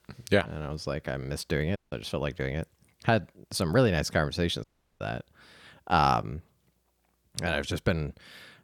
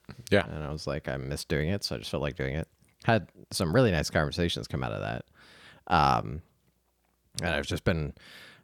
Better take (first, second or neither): second